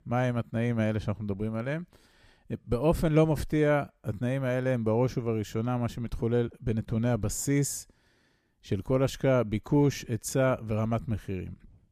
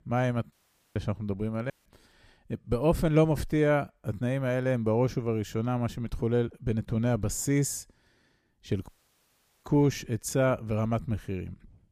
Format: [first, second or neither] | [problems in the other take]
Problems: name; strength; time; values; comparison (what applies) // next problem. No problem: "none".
first | audio cutting out; at 0.5 s, at 1.5 s and at 9 s for 1 s